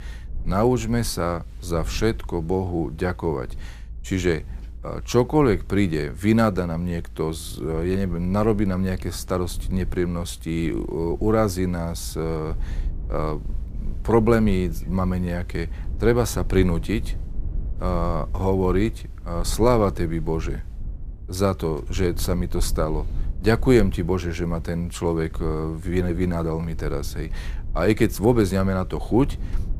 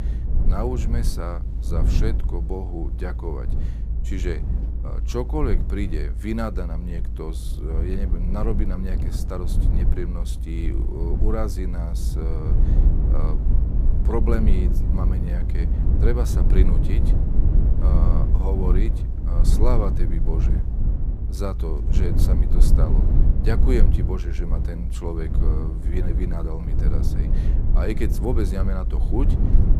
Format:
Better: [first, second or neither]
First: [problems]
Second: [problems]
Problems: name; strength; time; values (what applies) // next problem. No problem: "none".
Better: first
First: low rumble; faint; throughout; 25 dB below the speech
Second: low rumble; loud; throughout; 5 dB below the speech